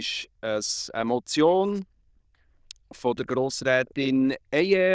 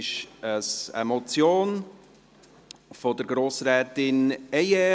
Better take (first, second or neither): second